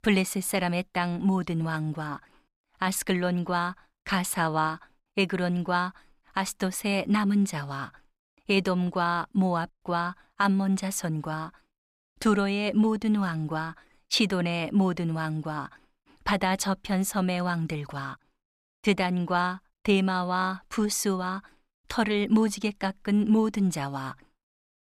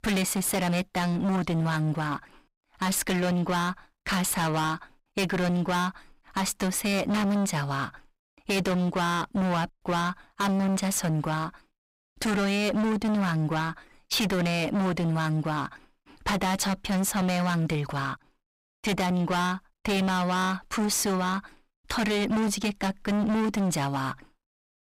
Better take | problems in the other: first | distortion; heavy; 30% of the sound clipped

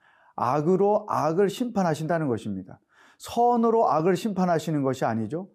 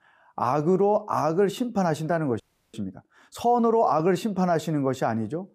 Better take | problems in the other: first | audio freezing; at 2.5 s

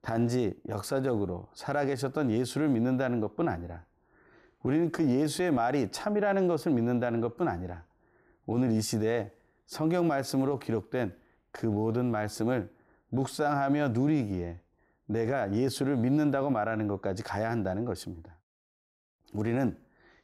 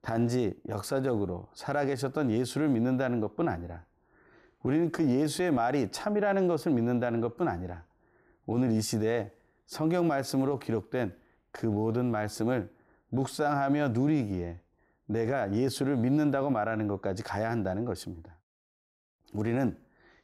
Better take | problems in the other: neither | none

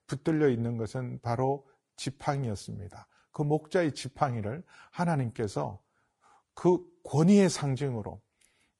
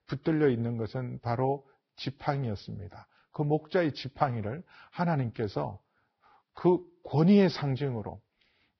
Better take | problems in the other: first | garbled, watery; badly; nothing above 5.5 kHz; slightly in the first

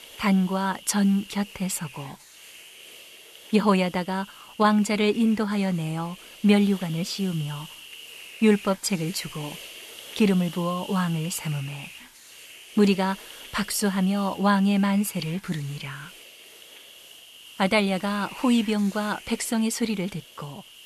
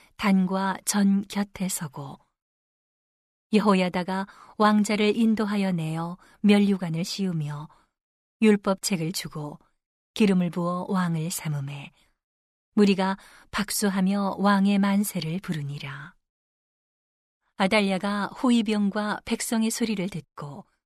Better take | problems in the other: second | hiss; noticeable; throughout; 15 dB below the speech

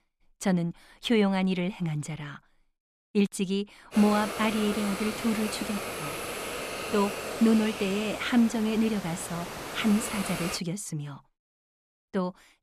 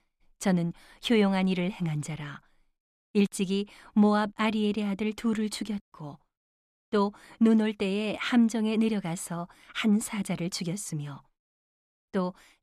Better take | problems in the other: second | hiss; loud; from 4 to 11 s; 7 dB below the speech

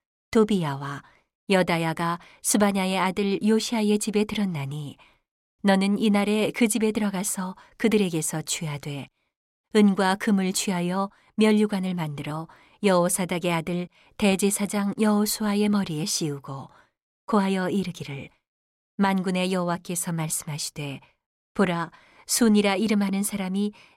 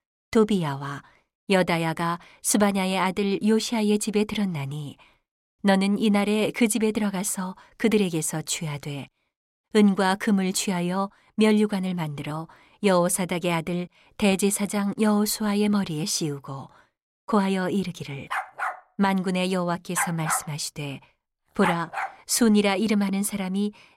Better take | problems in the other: first | dog barking; noticeable; from 18 to 22 s; peak 4 dB below the speech

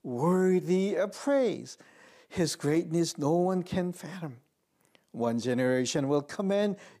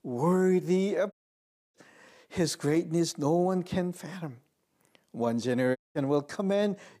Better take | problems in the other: first | audio cutting out; at 1 s for 0.5 s and at 6 s

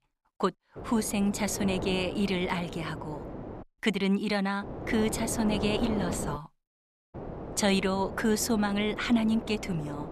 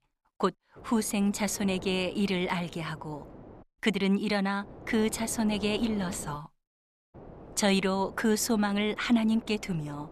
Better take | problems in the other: second | wind noise on the microphone; heavy; from 1 to 3.5 s, from 4.5 to 6.5 s and from 7 s on; 9 dB below the speech; occasional gusts in the second

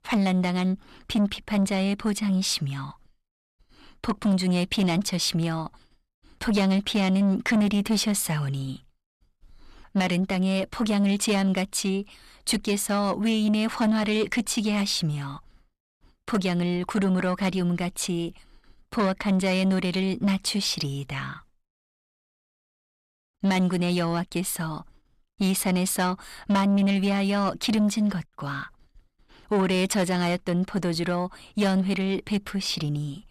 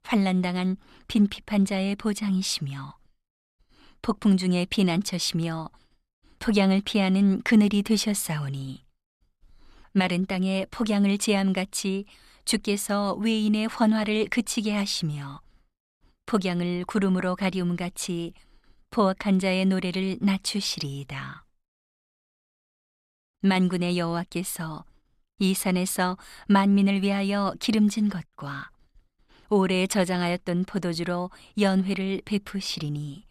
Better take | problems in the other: second | distortion; slight; 10 dB below the speech

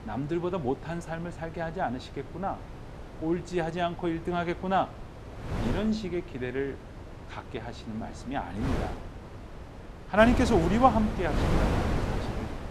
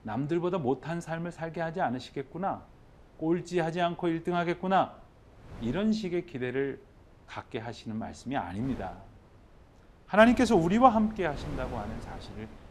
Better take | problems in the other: second | wind noise on the microphone; heavy; 10 dB below the speech; occasional gusts in the second

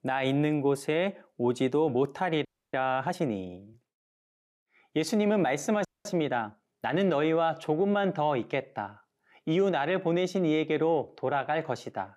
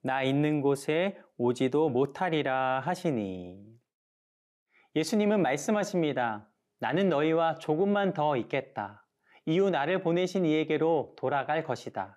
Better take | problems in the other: second | audio freezing; at 2.5 s and at 6 s

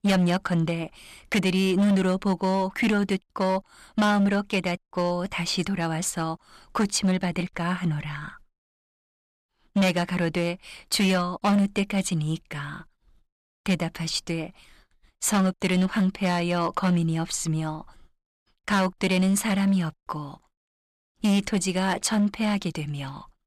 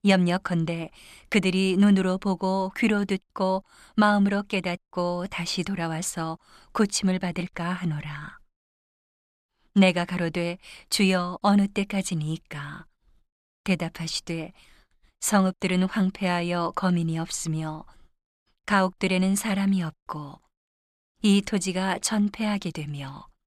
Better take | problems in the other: second | distortion; slight; 7% of the sound clipped

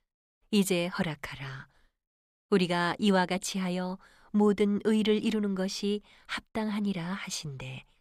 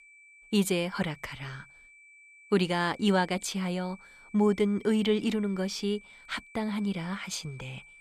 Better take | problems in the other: first | high-pitched whine; faint; throughout; 2.5 kHz, 25 dB below the speech

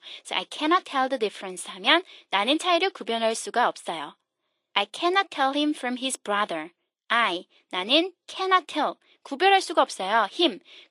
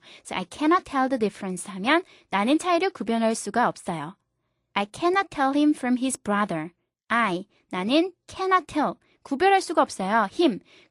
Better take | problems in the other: second | thin; very slightly; fading below 400 Hz

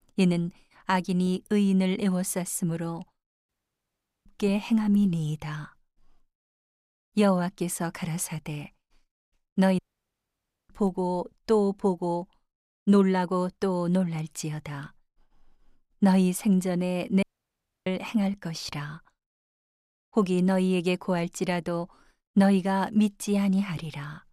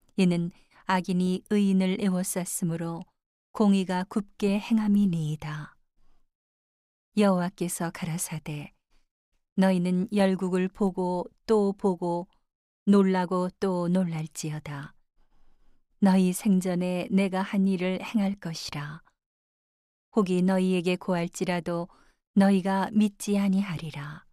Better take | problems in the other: second | audio cutting out; at 3.5 s for 1 s, at 10 s for 1 s and at 17 s for 0.5 s

